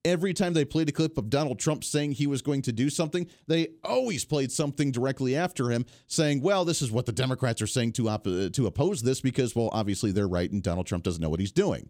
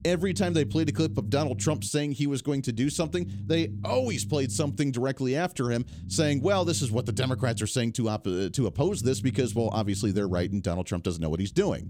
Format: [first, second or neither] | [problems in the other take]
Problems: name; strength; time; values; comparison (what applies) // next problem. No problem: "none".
first | low rumble; noticeable; throughout; 20 dB below the speech